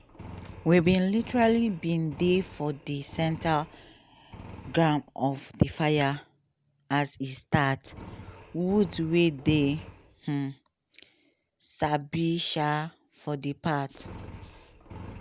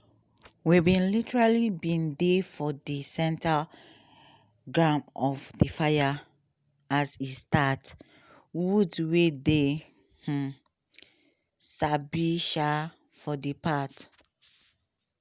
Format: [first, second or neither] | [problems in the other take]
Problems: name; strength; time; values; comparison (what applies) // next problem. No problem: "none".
second | background sound (Engine); 19 dB below the speech